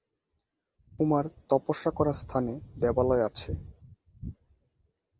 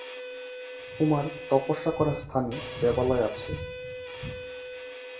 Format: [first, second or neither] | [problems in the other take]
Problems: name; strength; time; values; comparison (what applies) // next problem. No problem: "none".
first | background sound (Bowed string instrument); 10 dB below the speech // room echo; dies away in 0.5 s